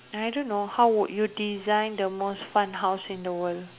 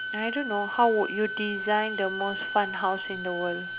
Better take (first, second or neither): first